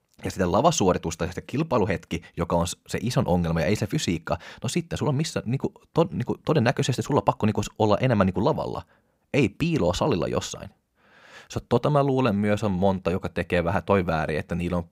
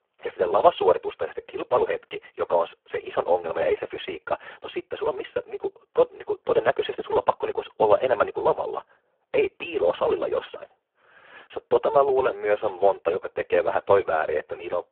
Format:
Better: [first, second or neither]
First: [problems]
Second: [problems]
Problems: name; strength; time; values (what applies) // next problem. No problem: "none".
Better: first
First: none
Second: phone-call audio; poor line